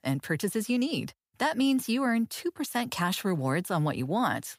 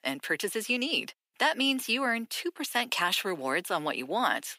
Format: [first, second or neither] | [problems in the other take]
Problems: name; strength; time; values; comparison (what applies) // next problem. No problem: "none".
first | thin; somewhat; fading below 300 Hz